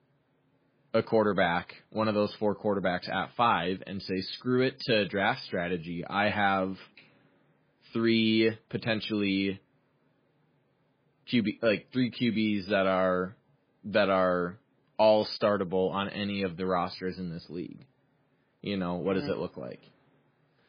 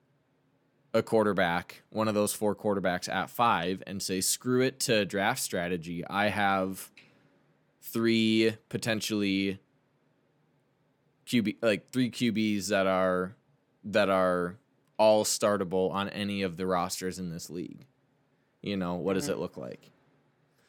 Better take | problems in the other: second | garbled, watery; badly; nothing above 5 kHz

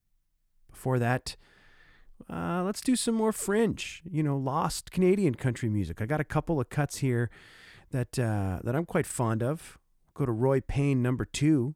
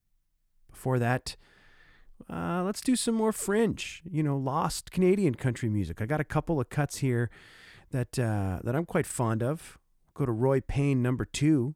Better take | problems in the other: neither | none

